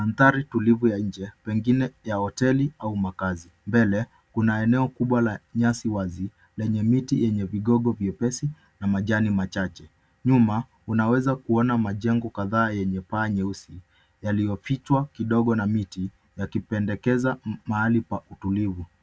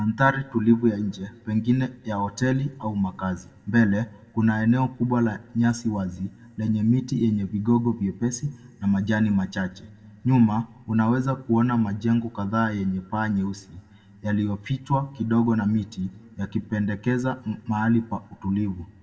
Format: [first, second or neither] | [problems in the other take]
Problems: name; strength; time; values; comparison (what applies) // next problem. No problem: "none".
first | room echo; dies away in 1.2 s